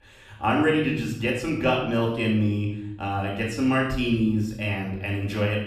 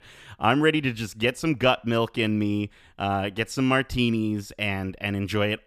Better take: second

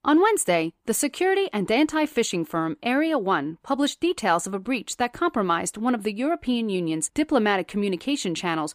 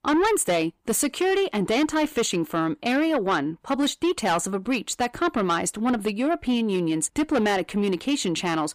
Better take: first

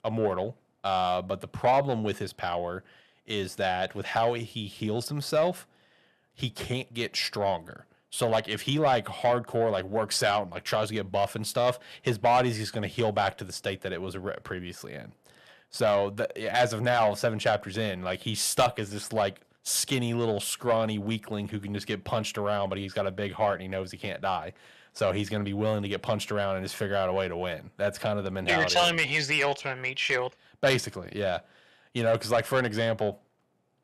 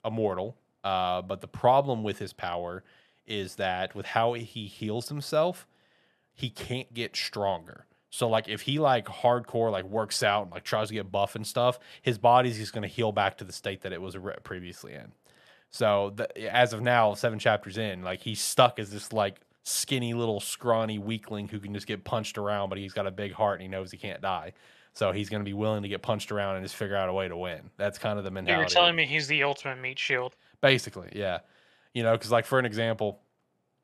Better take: second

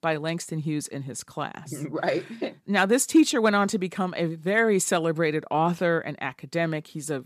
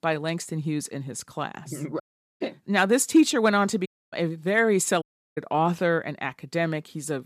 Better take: first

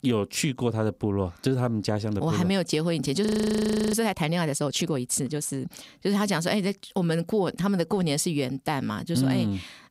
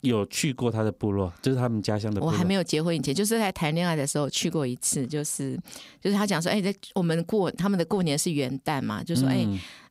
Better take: second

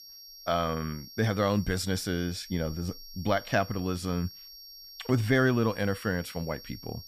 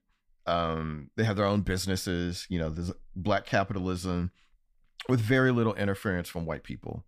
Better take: second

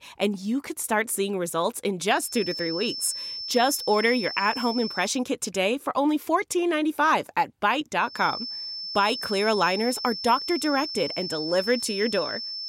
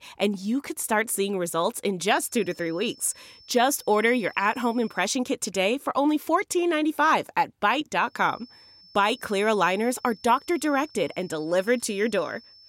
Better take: second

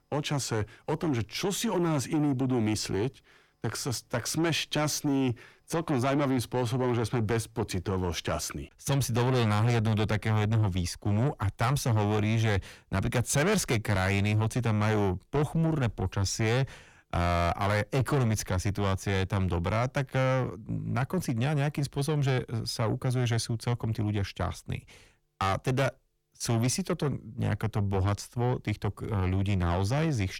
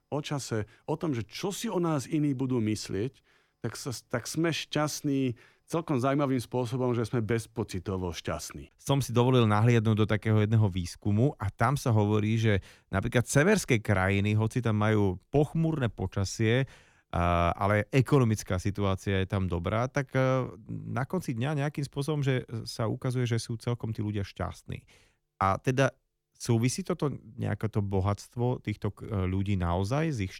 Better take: second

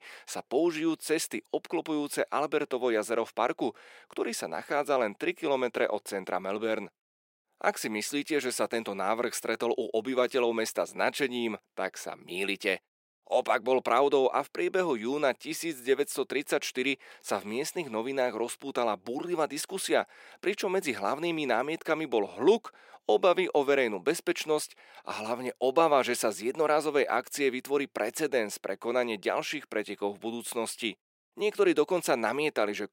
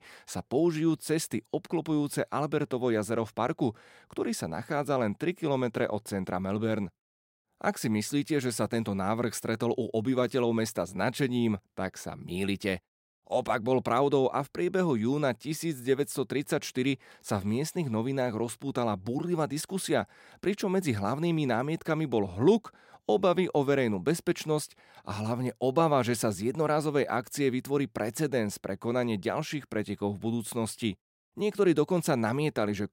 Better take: second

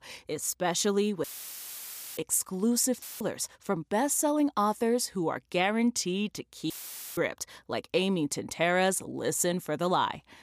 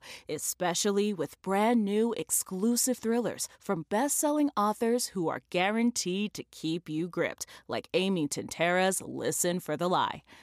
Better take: second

